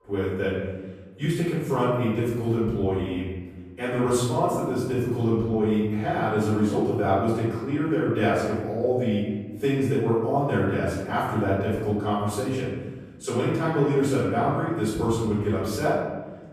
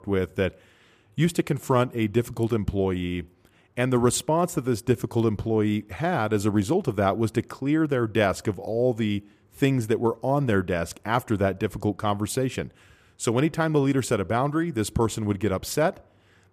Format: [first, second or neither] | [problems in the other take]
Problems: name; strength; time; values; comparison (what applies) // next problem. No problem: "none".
second | off-mic speech; far // room echo; strong; dies away in 1.2 s